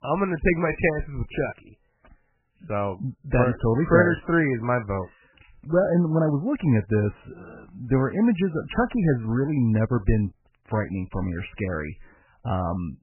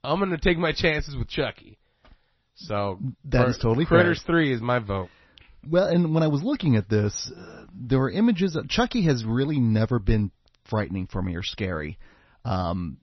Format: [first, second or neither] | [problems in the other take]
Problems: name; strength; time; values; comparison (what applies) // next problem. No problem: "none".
second | garbled, watery; badly; nothing above 3 kHz; slightly in the second